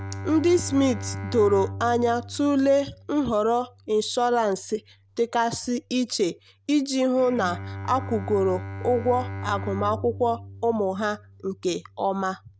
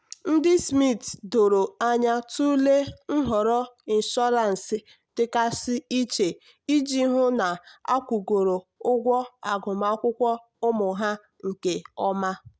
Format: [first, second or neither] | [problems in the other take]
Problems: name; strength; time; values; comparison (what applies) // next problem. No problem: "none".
second | background sound (Bowed string instrument); 12 dB below the speech